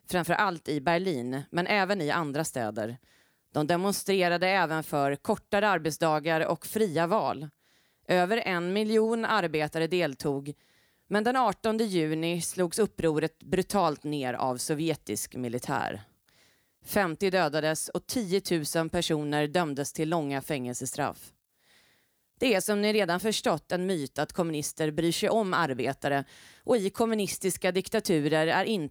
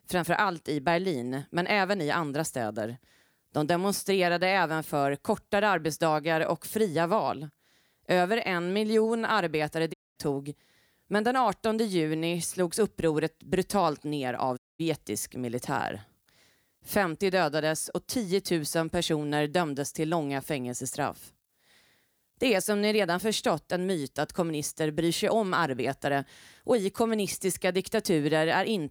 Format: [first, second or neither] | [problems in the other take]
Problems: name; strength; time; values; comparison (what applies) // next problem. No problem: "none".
first | audio cutting out; at 10 s and at 15 s